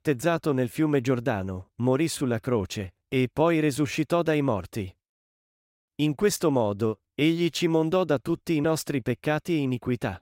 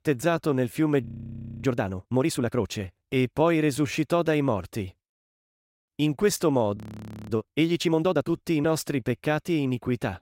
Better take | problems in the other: first | audio freezing; at 1 s for 0.5 s and at 7 s for 0.5 s

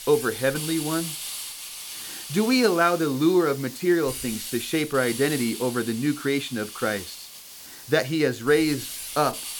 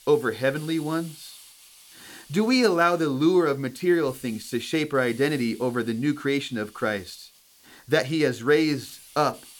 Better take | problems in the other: second | hiss; loud; throughout; 10 dB below the speech; faint in the second

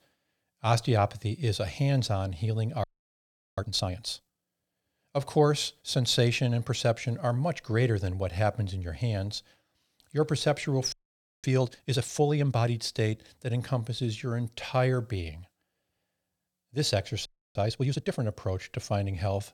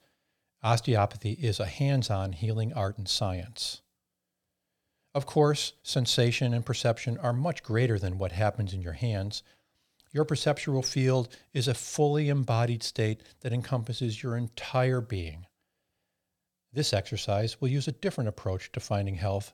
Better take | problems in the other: second | audio freezing; at 3 s for 0.5 s, at 11 s for 0.5 s and at 17 s

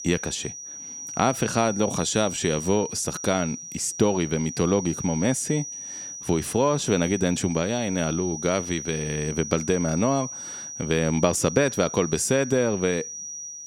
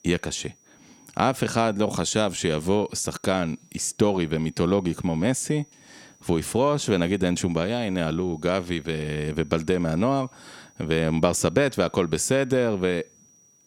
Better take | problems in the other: second | high-pitched whine; loud; throughout; 6 kHz, 9 dB below the speech; faint in the second

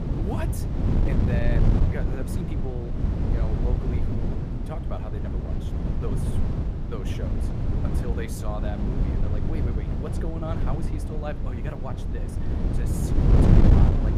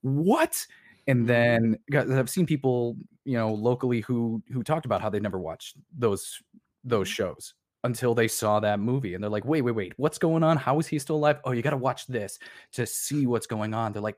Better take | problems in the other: second | wind noise on the microphone; heavy; 3 dB above the speech

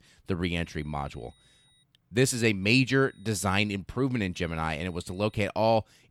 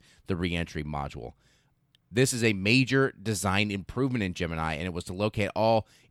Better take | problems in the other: second | high-pitched whine; faint; from 0.5 to 2 s, from 2.5 to 3.5 s and from 4.5 to 5.5 s; 4 kHz, 35 dB below the speech

